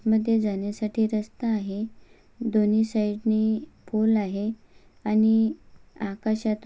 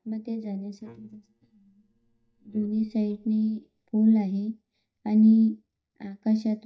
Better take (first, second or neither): first